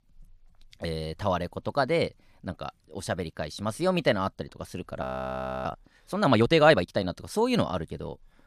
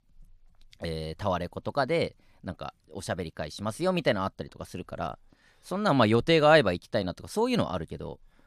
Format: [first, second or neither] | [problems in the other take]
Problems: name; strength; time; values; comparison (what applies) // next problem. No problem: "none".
second | audio freezing; at 5 s for 0.5 s